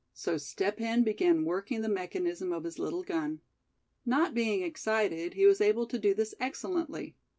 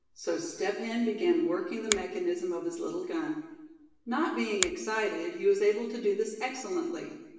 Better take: first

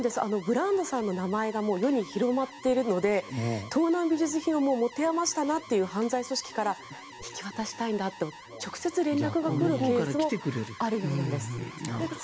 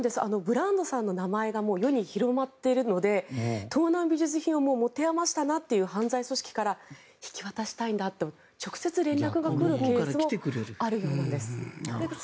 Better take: second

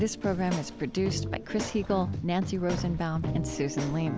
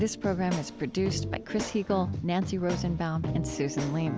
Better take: second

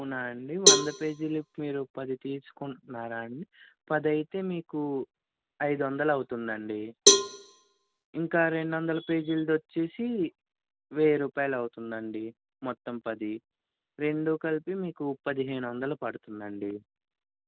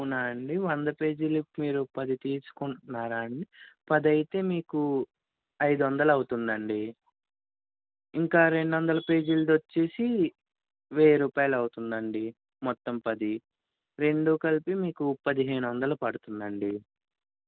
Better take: second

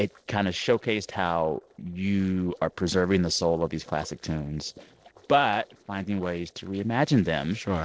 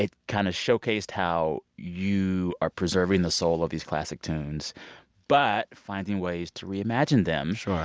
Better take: second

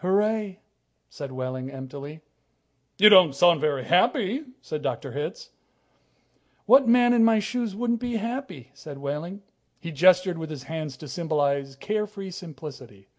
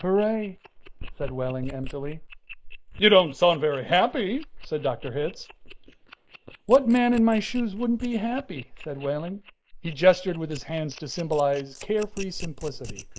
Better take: first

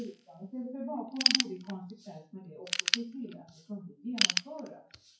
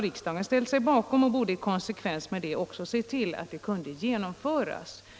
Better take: second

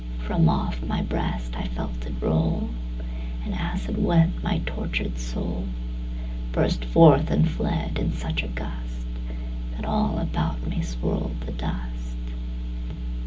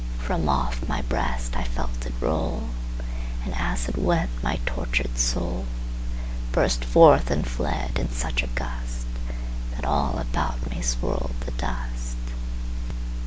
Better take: second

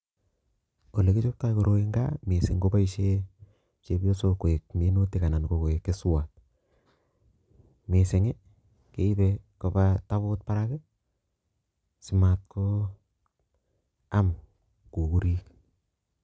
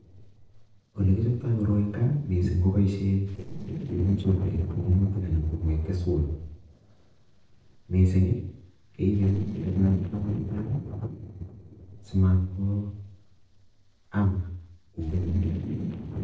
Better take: first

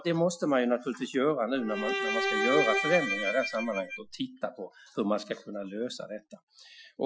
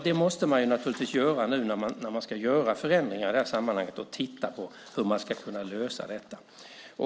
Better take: second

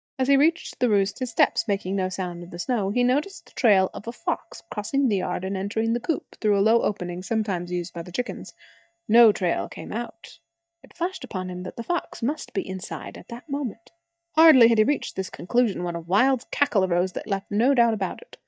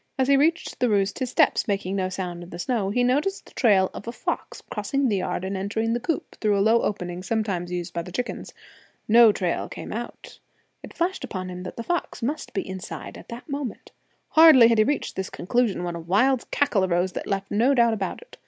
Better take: second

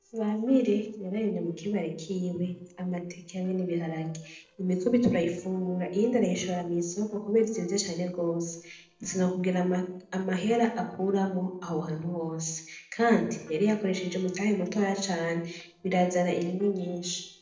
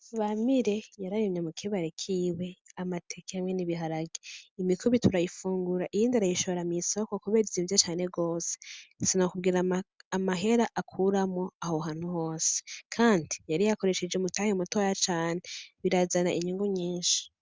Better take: second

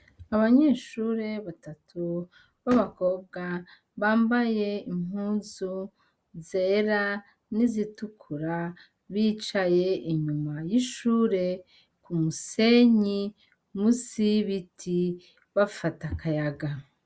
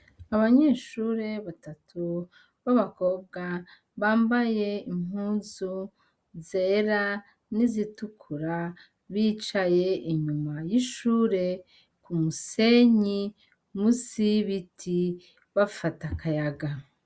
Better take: second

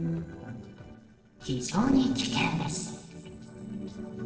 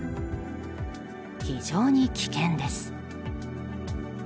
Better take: second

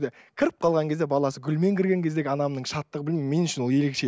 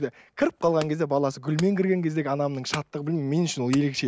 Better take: first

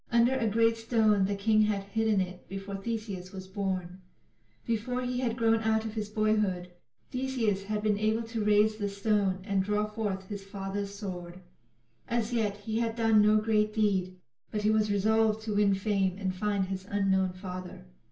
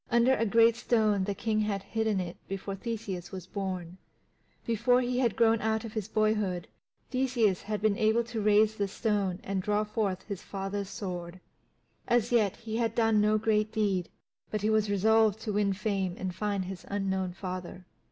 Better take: second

